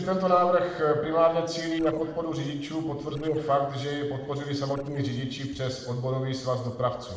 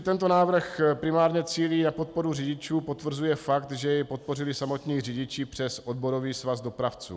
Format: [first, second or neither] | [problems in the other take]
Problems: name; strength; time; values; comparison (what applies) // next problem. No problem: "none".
second | noise reduction (neural separator model SepFormer DNS4)